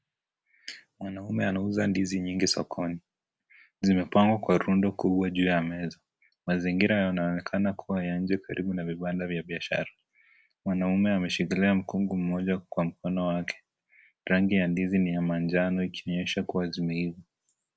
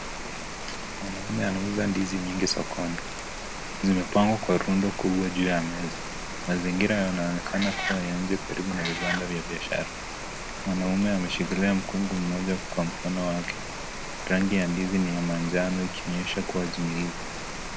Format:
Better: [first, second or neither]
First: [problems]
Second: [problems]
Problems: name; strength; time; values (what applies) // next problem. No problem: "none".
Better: first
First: none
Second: background sound (Rain + Meow); 6 dB below the speech